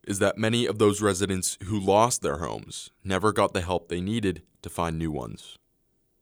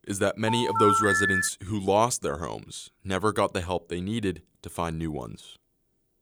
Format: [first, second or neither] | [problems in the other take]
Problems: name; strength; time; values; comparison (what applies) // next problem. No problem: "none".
first | phone ringing; loud; until 1.5 s; peak 6 dB above the speech